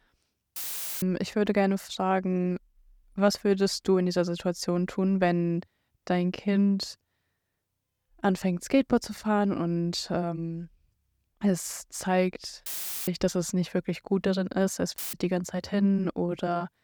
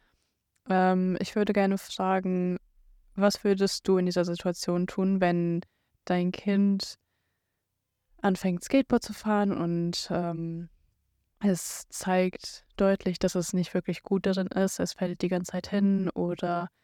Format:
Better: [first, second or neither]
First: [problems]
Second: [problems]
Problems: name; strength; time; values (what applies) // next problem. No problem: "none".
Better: second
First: audio cutting out; filled with static; at 0.5 s, at 13 s and at 15 s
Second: none